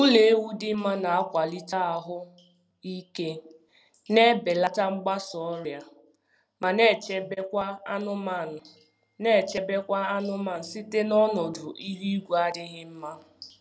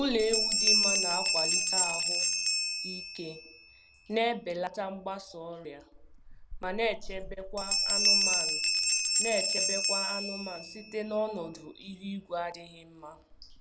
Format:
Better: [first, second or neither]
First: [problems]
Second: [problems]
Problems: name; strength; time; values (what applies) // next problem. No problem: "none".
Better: first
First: none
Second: background sound (Bell); 5 dB above the speech